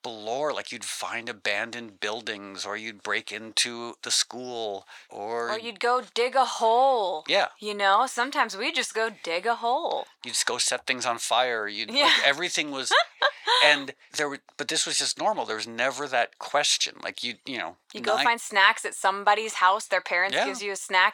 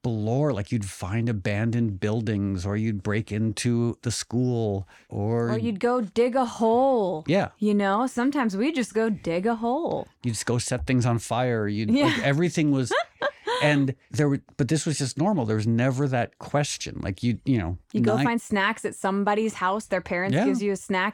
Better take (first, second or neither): second